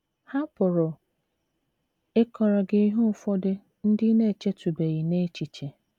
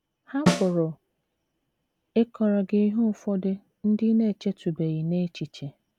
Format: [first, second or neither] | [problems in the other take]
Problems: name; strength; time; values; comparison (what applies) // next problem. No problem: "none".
first | background sound (Snare drum); 5 dB below the speech